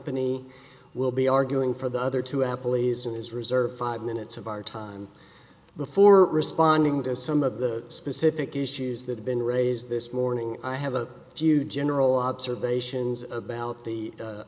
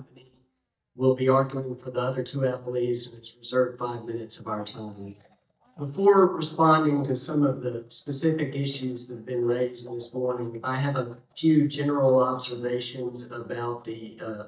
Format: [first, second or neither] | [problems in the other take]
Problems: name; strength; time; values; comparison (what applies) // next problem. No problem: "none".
first | noise reduction (neural mask model DeepFilterNet 3)